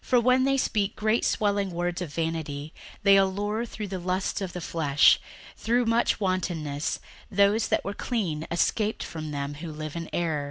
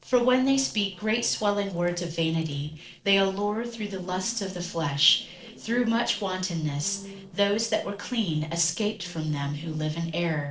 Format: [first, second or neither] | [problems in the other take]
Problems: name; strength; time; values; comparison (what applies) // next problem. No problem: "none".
first | noise reduction (neural separator model SepFormer DNS4)